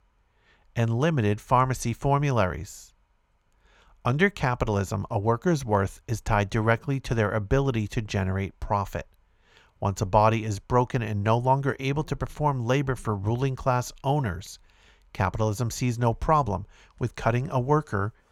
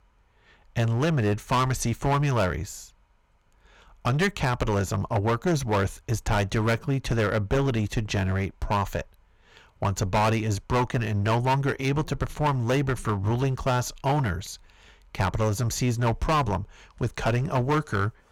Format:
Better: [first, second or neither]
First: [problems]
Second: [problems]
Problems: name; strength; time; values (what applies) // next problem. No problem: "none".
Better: first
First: none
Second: distortion; heavy; 12% of the sound clipped